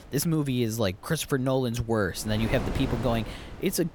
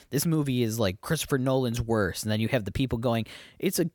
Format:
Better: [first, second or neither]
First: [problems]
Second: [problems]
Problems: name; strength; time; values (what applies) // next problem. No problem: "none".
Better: second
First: wind noise on the microphone; heavy; 9 dB below the speech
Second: none